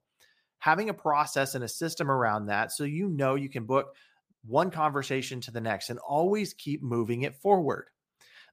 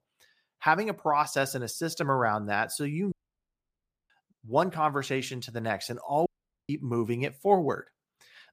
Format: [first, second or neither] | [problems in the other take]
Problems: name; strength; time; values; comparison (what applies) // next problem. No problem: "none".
first | audio cutting out; at 3 s for 1 s and at 6.5 s